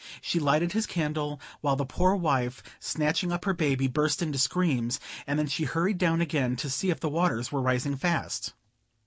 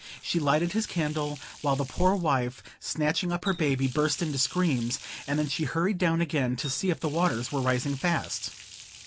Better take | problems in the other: first | background sound (Water tap, faucet); 19 dB below the speech

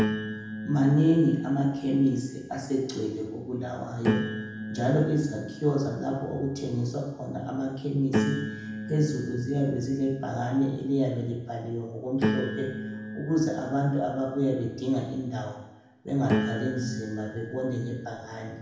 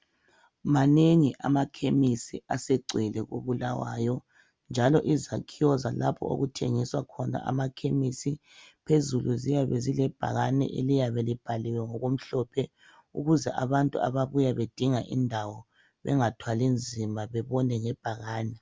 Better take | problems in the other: second | background sound (Piano); 7 dB below the speech // room echo; dies away in 0.9 s

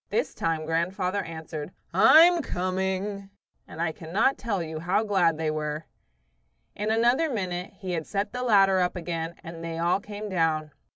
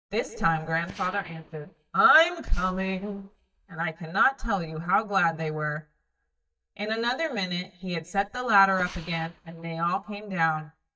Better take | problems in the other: first | noise reduction (neural mask model DeepFilterNet 3)

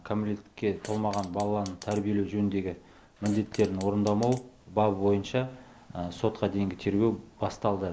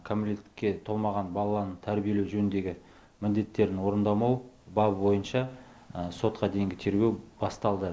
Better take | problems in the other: second | background sound (Fart); 18 dB below the speech

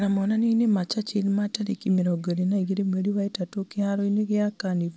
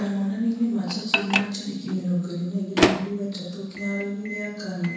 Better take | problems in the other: first | background sound (Microwave oven); 2 dB below the speech // room echo; dies away in 1 s

